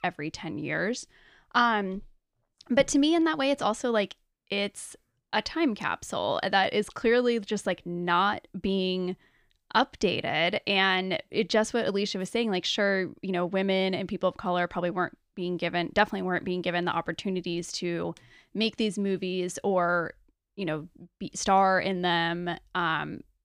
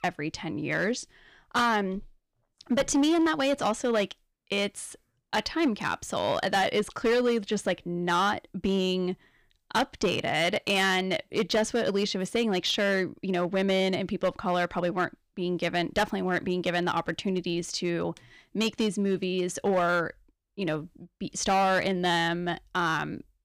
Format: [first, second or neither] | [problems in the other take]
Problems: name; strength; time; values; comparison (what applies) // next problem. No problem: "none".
first | distortion; slight; 6% of the sound clipped